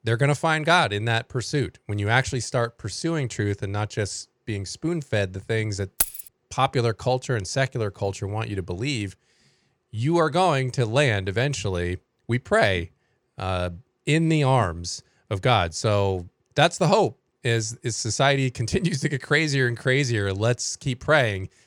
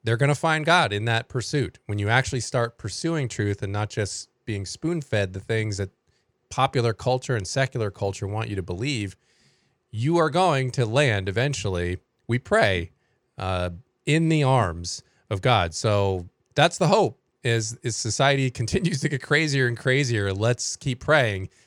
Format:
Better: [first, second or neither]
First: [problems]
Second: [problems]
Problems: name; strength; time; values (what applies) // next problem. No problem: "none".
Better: second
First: jangling keys; noticeable; at 6 s; peak level with the speech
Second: none